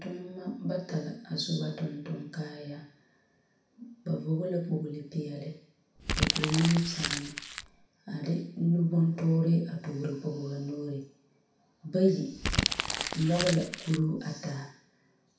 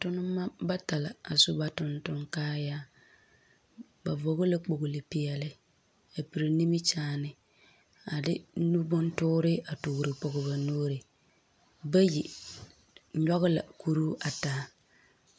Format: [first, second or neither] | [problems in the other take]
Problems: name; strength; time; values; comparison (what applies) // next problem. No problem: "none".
second | background sound (Crumpling, crinkling); 1 dB below the speech // room echo; dies away in 0.6 s